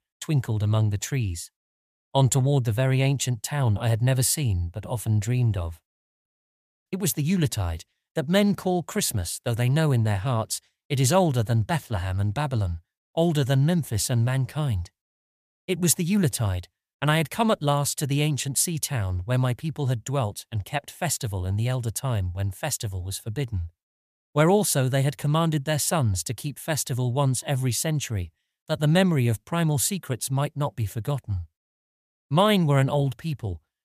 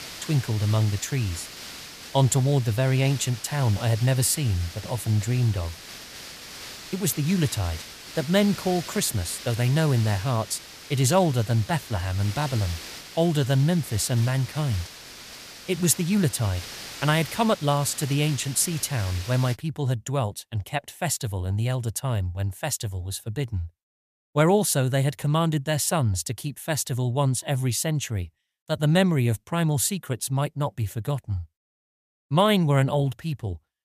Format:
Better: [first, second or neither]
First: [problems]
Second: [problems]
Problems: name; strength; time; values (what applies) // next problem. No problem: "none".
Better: first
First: none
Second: hiss; noticeable; until 20 s; 15 dB below the speech